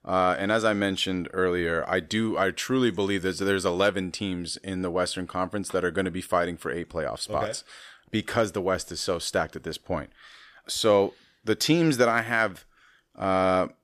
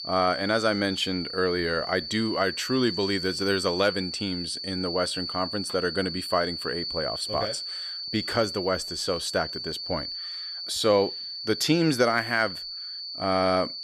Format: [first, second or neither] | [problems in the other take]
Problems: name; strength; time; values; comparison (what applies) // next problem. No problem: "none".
first | high-pitched whine; loud; throughout; 4.5 kHz, 5 dB below the speech